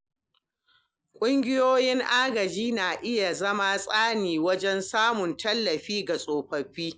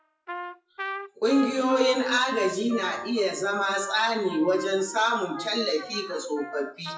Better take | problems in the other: first | noise reduction (classical method WPE with log-MMSE)

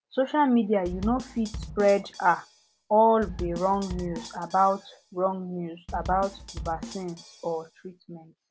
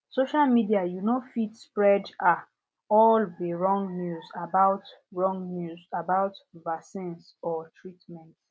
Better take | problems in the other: second | background sound (Bass drum / Snare drum); 13 dB below the speech

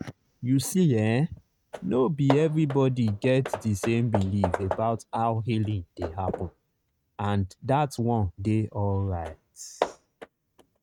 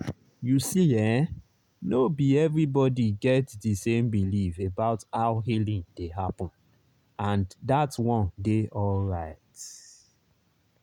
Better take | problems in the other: second | noise reduction (neural mask model RNNoise)

